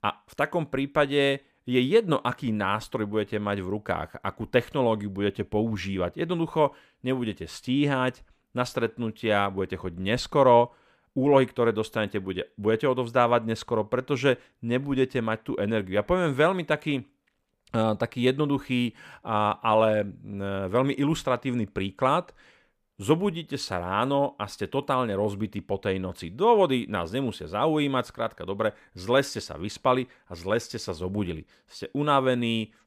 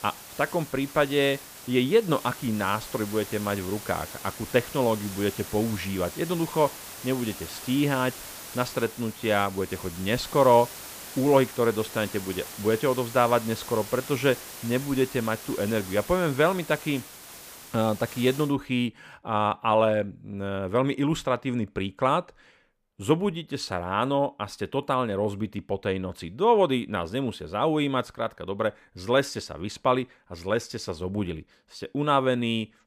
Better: first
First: none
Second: hiss; noticeable; until 18 s; 10 dB below the speech

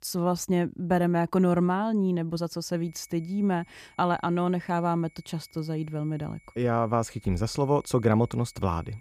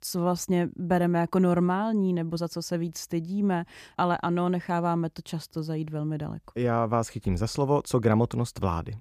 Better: second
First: high-pitched whine; faint; from 3 s on; 2 kHz, 30 dB below the speech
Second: none

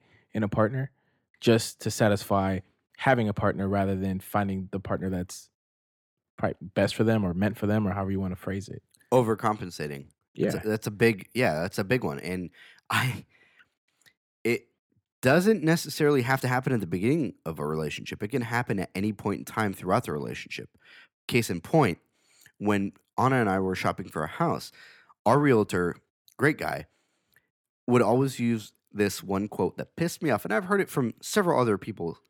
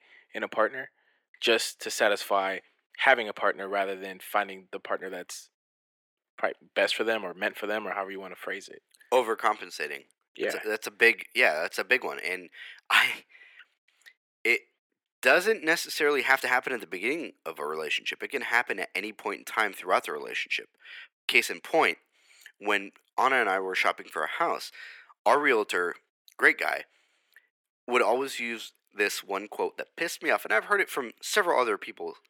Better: first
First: none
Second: thin; very; fading below 400 Hz

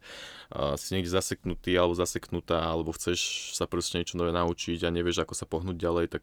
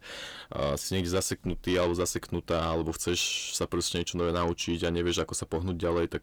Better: first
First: none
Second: distortion; slight; 10 dB below the speech

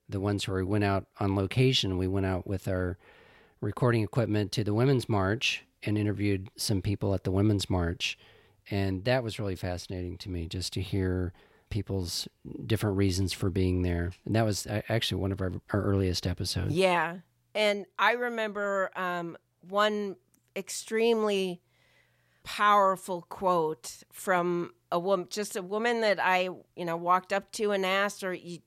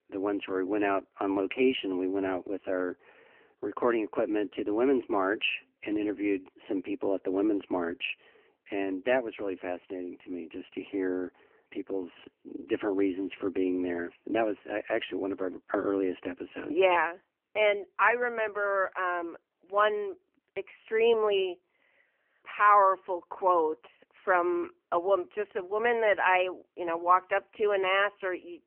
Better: first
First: none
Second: phone-call audio; poor line; nothing above 3 kHz

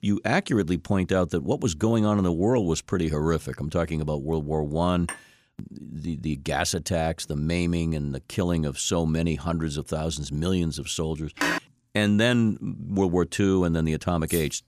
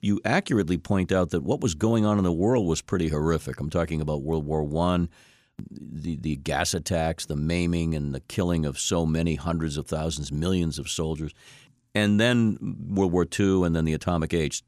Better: second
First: clattering dishes; faint; at 5 s; peak 10 dB below the speech // phone ringing; noticeable; at 11 s; peak 1 dB below the speech // jangling keys; noticeable; at 14 s; peak 8 dB below the speech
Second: none

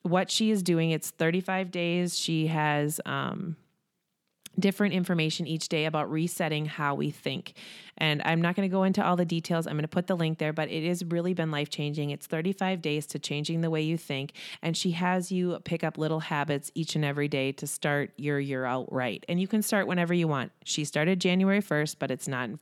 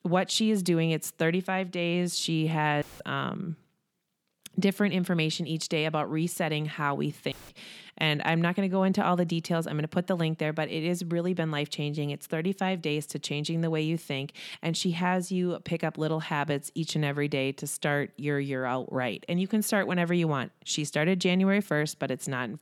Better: first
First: none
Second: audio cutting out; filled with static; at 3 s and at 7.5 s

